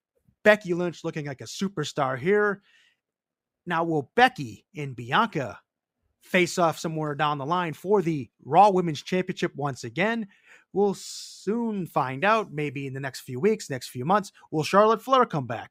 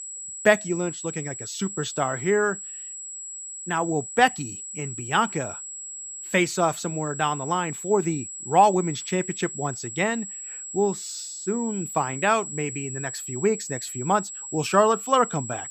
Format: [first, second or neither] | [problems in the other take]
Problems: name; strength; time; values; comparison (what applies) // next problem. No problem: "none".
first | high-pitched whine; loud; throughout; 7.5 kHz, 9 dB below the speech